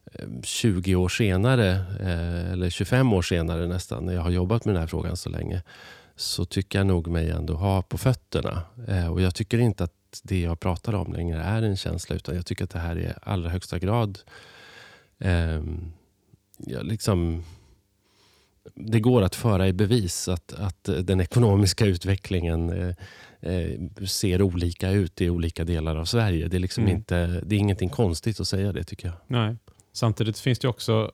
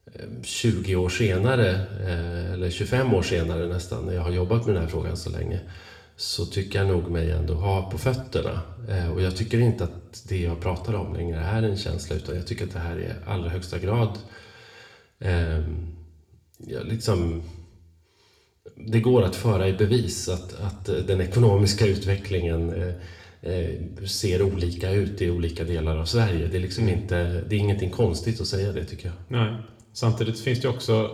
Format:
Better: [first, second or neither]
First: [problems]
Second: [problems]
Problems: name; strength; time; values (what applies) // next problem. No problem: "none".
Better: first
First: none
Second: room echo; very slight; dies away in 0.6 s // off-mic speech; somewhat distant